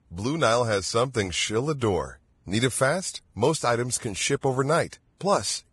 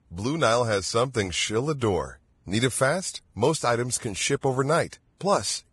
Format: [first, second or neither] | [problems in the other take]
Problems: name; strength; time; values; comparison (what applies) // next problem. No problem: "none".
neither | garbled, watery; badly; nothing above 10.5 kHz; the same in both